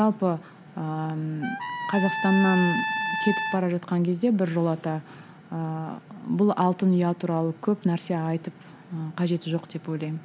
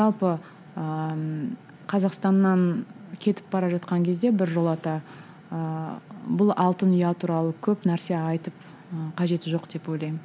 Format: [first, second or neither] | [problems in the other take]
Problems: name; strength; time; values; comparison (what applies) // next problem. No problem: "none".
second | background sound (Trumpet); 5 dB below the speech